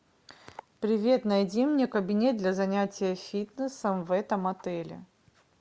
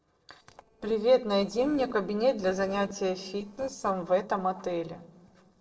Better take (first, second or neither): first